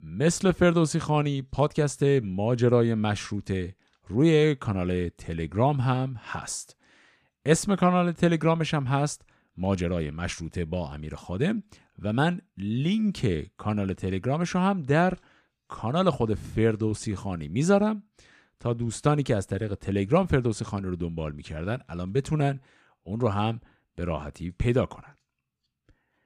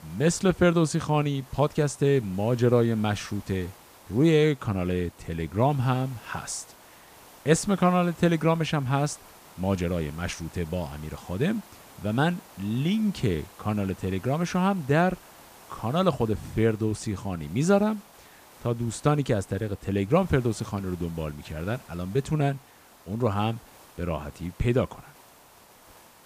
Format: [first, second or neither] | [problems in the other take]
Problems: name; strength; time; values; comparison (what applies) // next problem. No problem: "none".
first | hiss; faint; throughout; 25 dB below the speech